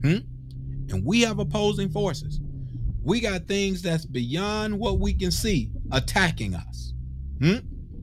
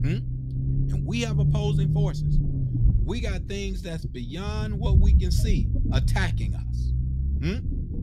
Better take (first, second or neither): first